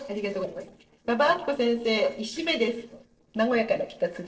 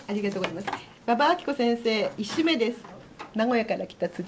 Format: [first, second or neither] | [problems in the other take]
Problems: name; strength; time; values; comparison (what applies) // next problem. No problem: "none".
second | noise reduction (neural separator model SepFormer DNS4)